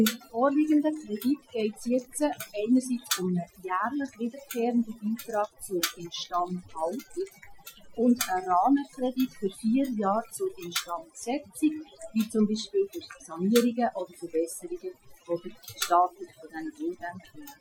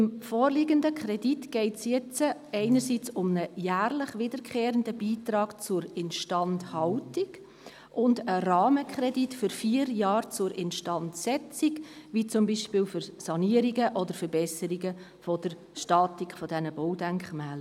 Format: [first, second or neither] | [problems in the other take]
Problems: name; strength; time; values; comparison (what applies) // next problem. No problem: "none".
second | noise reduction (classical method Wiener filter)